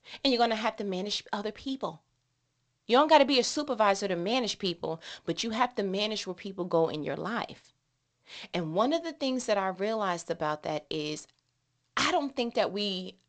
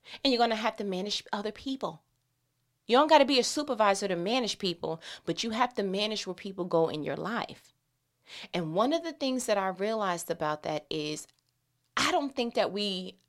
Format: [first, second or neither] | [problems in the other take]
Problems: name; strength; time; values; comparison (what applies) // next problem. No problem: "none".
second | garbled, watery; slightly; nothing above 8 kHz